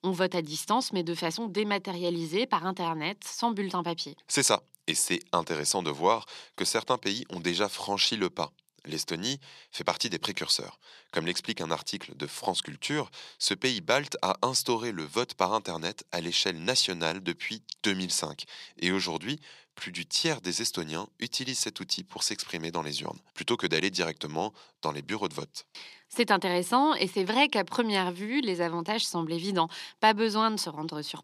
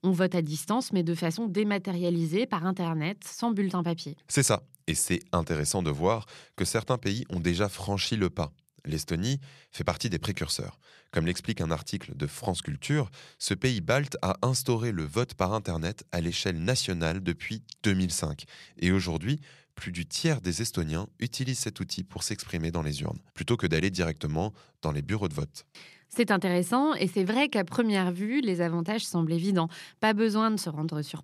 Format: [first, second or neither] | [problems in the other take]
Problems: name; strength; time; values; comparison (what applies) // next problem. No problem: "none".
second | thin; somewhat; fading below 300 Hz